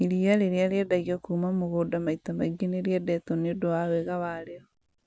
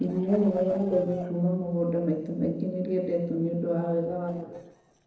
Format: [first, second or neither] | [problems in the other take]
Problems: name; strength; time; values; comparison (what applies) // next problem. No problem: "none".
first | noise reduction (neural separator model SepFormer DNS4)